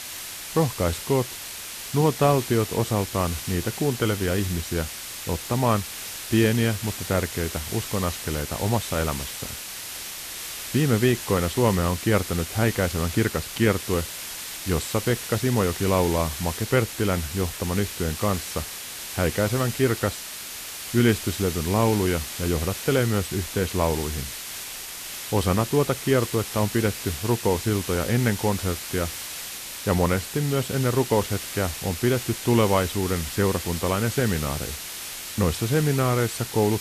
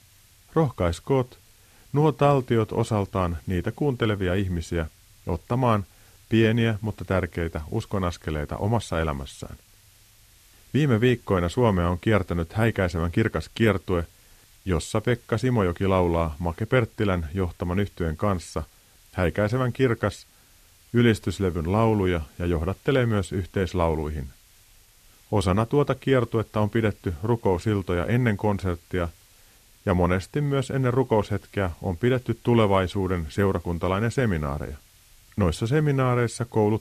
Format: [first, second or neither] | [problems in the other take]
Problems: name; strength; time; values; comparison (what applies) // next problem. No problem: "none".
second | hiss; loud; throughout; 7 dB below the speech; faint in the second